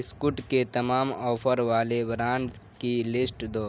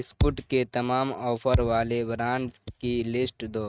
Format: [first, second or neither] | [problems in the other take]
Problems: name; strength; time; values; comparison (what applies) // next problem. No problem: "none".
first | noise reduction (neural mask model RNNoise)